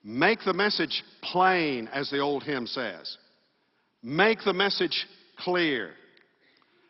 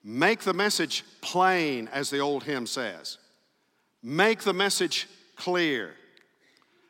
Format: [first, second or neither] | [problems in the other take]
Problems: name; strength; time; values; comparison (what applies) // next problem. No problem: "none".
second | garbled, watery; badly; nothing above 5.5 kHz